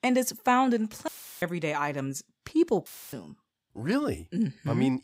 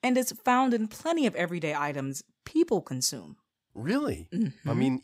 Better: second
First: audio cutting out; filled with static; at 1 s and at 3 s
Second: none

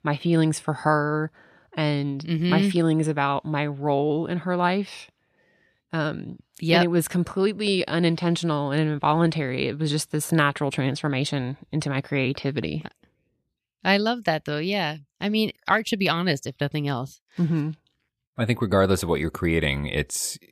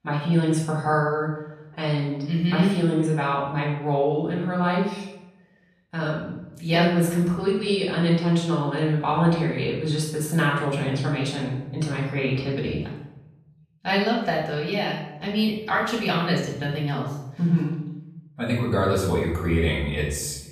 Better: first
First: none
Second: off-mic speech; far // room echo; noticeable; dies away in 0.8 s

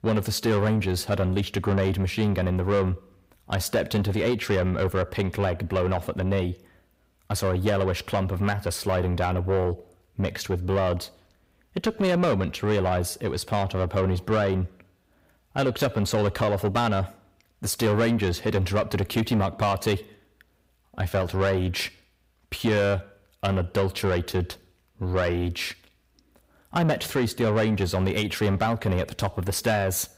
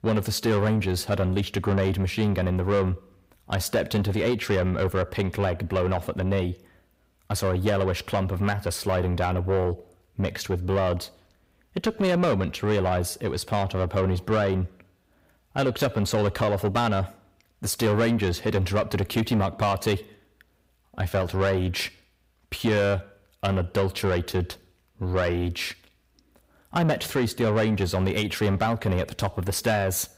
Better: neither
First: distortion; slight; 10 dB below the speech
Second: distortion; slight; 10 dB below the speech

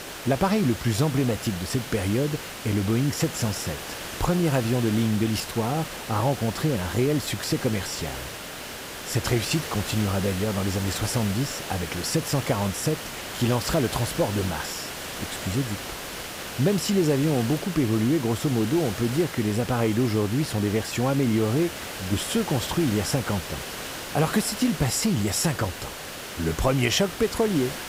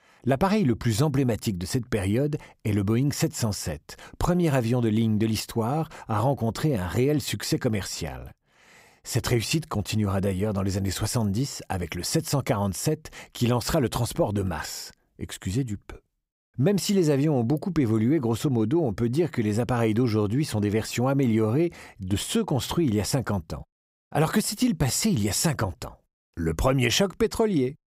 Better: second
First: hiss; loud; throughout; 8 dB below the speech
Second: none

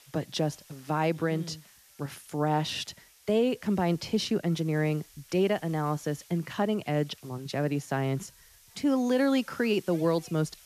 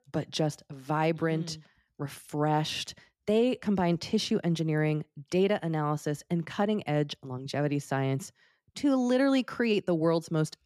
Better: second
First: hiss; faint; throughout; 25 dB below the speech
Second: none

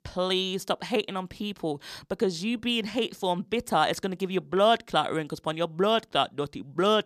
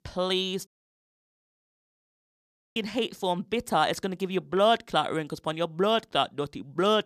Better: first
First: none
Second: audio cutting out; at 0.5 s for 2 s

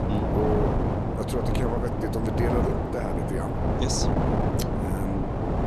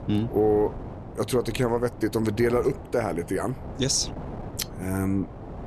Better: second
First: wind noise on the microphone; heavy; 3 dB above the speech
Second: wind noise on the microphone; occasional gusts; 15 dB below the speech

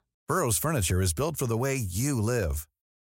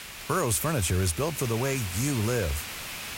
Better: first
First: none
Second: hiss; loud; throughout; 8 dB below the speech

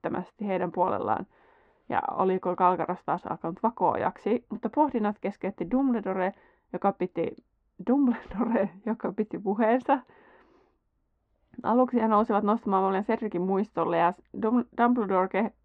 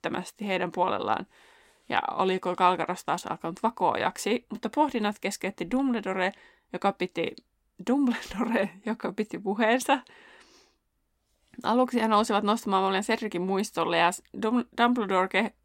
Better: second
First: muffled; very; fading above 1 kHz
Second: none

